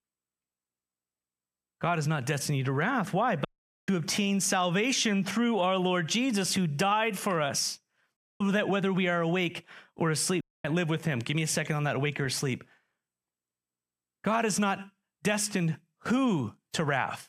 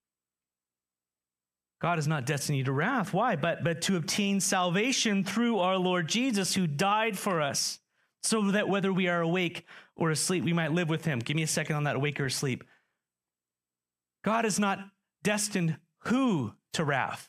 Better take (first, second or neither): second